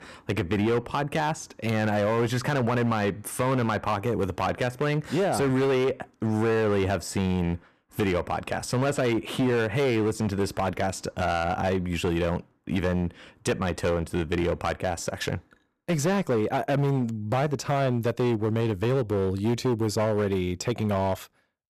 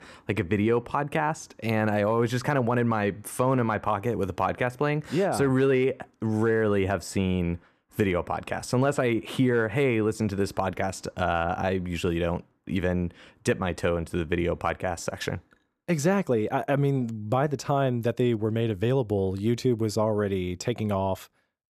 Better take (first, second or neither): second